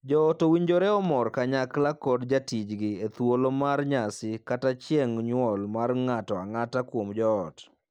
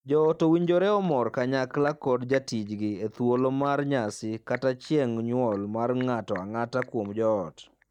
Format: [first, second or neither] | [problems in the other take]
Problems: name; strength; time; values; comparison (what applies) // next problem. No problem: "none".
first | noise reduction (neural mask model DeepFilterNet 3)